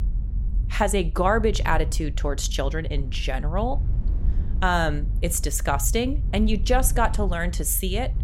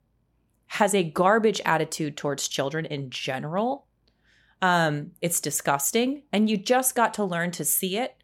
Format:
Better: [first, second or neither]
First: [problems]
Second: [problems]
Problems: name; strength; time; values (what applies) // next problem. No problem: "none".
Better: second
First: low rumble; faint; throughout; 20 dB below the speech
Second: none